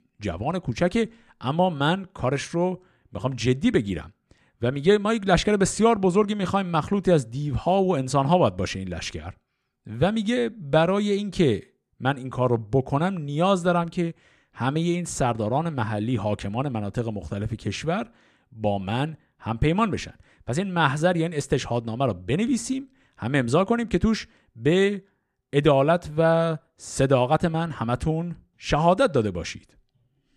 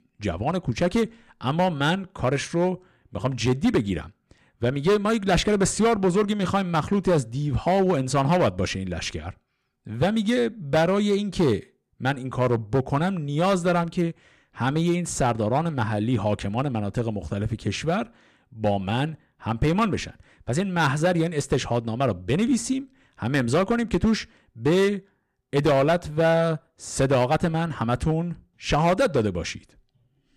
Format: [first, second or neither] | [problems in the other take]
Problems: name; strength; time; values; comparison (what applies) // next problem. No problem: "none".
first | distortion; slight; 5% of the sound clipped